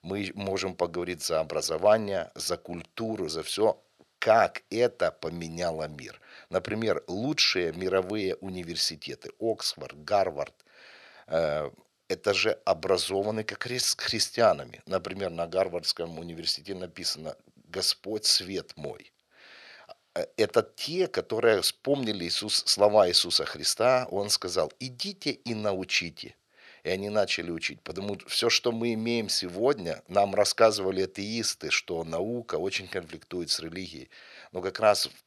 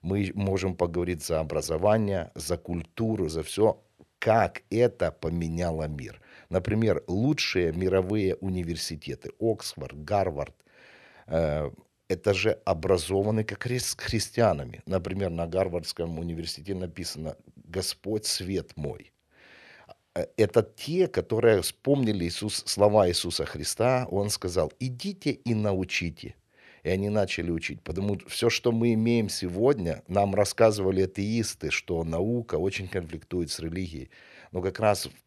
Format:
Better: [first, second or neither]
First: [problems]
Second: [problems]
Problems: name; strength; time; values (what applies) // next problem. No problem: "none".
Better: second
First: thin; somewhat; fading below 750 Hz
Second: none